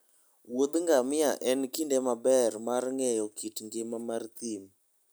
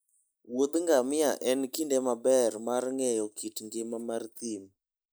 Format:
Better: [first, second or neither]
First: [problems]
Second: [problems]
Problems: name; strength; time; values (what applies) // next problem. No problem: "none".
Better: first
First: none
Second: noise reduction (neural mask model Resemble Enhance denoiser)